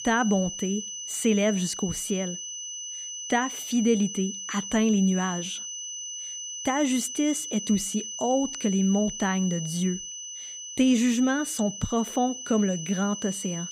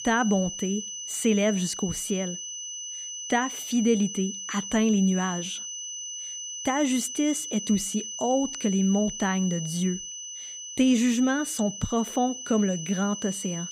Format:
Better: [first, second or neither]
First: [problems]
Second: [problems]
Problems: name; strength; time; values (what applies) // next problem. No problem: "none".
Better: neither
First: high-pitched whine; loud; throughout; 6 kHz, 7 dB below the speech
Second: high-pitched whine; loud; throughout; 6 kHz, 7 dB below the speech